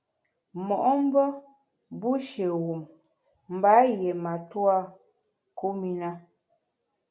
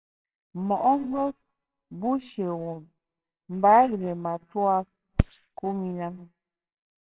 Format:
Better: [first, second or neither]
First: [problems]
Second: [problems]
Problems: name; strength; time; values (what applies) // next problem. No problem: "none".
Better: first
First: none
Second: noise reduction (neural separator model SepFormer WHAMR!)